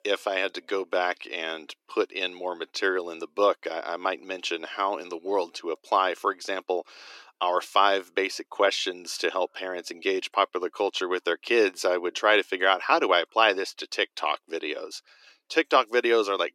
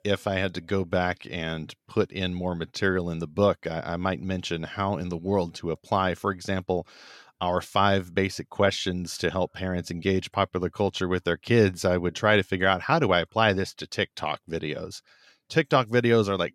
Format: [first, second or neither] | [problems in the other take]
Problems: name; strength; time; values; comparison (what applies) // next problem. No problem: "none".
second | thin; very; fading below 300 Hz